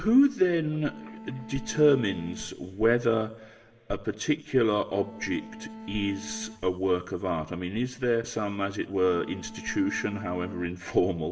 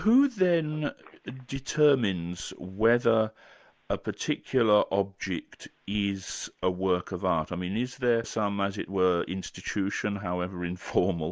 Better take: second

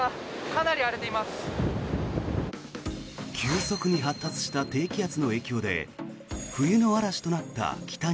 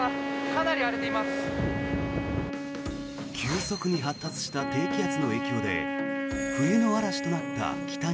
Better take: first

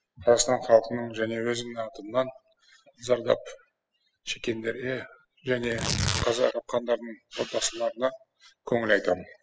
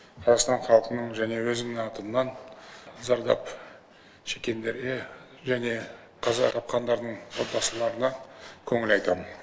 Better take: second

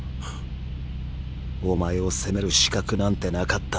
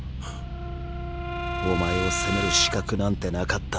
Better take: first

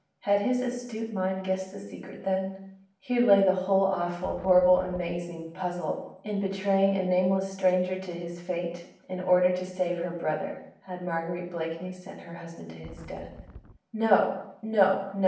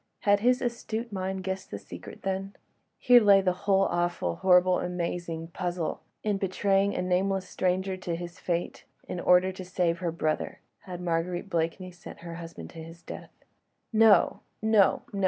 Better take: second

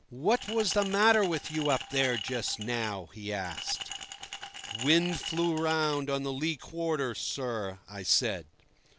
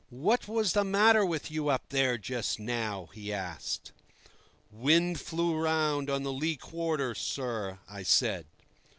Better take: second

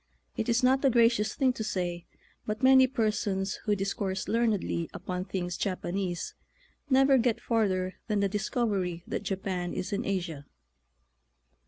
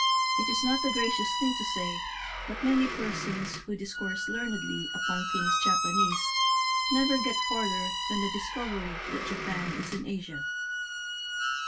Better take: first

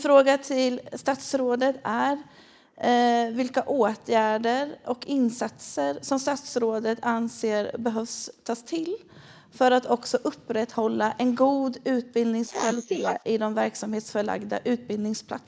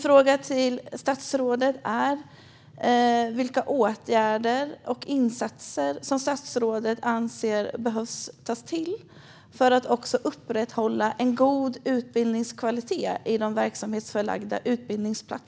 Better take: second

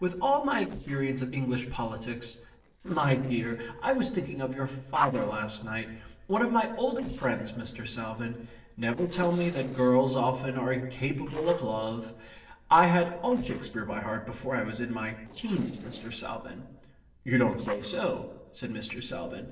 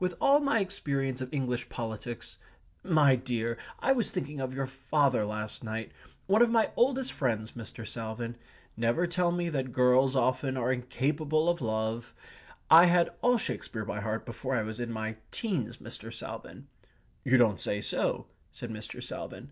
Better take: second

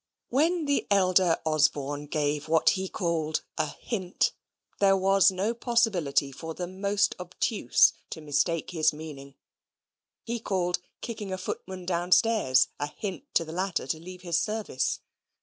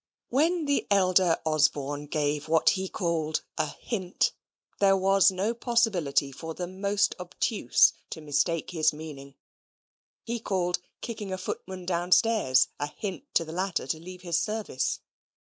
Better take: first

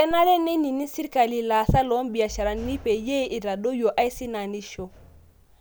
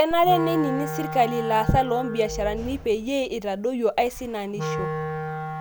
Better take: first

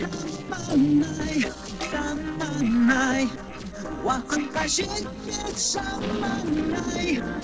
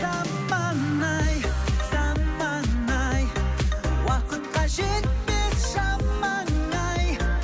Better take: second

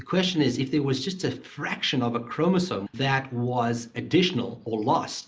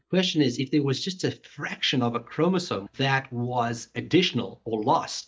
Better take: first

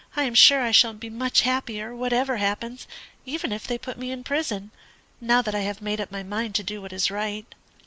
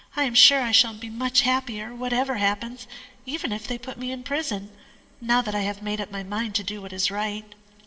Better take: first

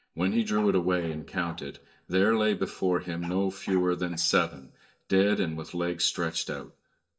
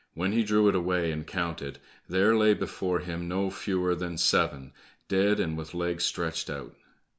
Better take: second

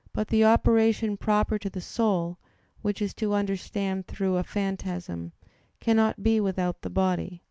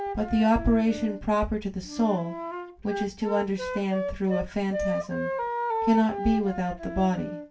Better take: first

